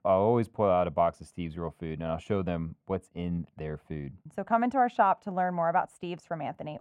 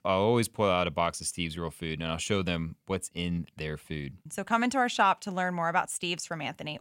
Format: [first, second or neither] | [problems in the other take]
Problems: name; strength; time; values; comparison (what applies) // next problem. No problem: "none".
second | muffled; very; fading above 2.5 kHz